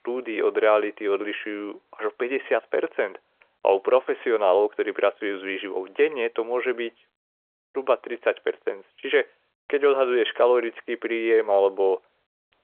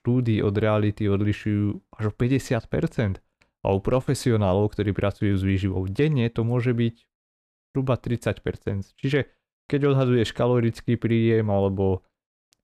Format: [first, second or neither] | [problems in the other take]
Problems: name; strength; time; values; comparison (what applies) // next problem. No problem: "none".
second | phone-call audio; nothing above 3.5 kHz